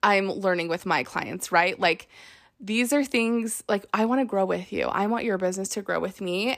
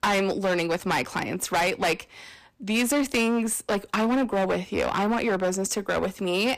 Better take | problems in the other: first | distortion; heavy; 18% of the sound clipped

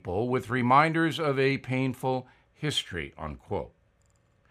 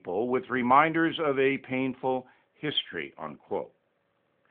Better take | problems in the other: first | phone-call audio; nothing above 3 kHz

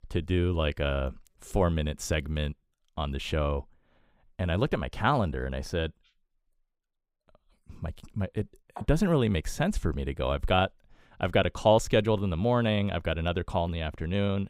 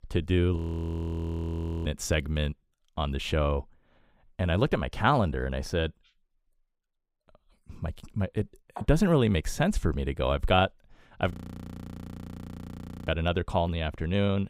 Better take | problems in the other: first | audio freezing; at 0.5 s for 1.5 s and at 11 s for 2 s

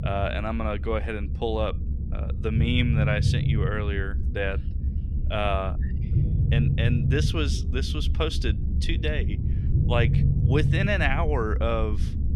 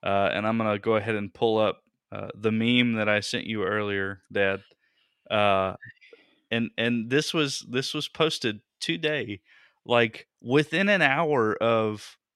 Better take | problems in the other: second | low rumble; loud; throughout; 10 dB below the speech

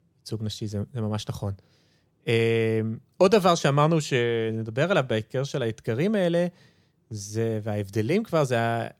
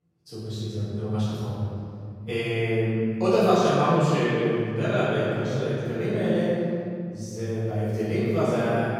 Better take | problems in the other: first | room echo; strong; dies away in 2.4 s // off-mic speech; far

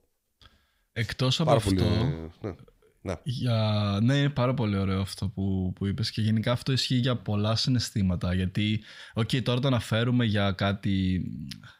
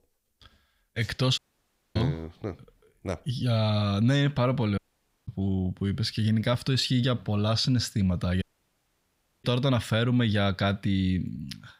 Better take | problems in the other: first | audio cutting out; at 1.5 s for 0.5 s, at 5 s and at 8.5 s for 1 s

